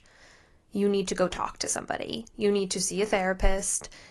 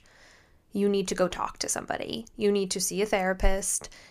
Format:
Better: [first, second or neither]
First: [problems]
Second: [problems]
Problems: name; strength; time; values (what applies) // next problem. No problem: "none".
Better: second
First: garbled, watery; slightly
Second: none